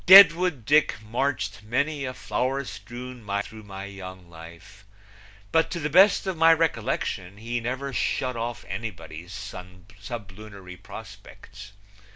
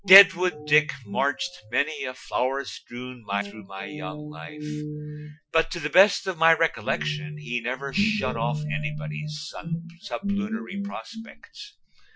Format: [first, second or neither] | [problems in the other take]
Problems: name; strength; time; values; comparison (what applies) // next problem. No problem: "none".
first | noise reduction (classical method Wiener filter)